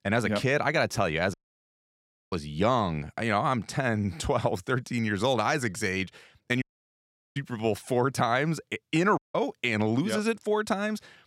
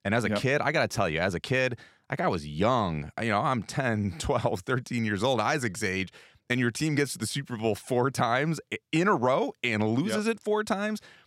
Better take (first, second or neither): second